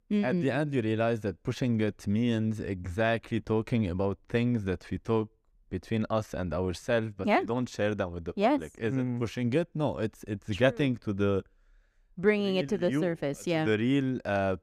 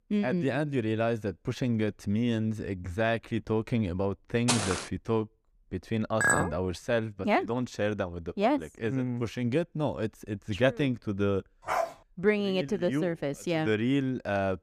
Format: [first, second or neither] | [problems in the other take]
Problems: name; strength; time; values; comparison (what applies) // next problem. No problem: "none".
first | footsteps; loud; at 4.5 s; peak 1 dB above the speech // clattering dishes; loud; at 6 s; peak 5 dB above the speech // dog barking; noticeable; at 12 s; peak 1 dB below the speech